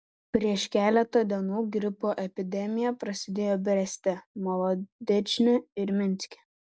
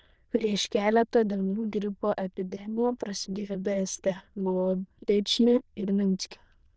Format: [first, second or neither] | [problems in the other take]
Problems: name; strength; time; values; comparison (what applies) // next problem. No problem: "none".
first | noise reduction (neural diffusion model UNIVERSE++)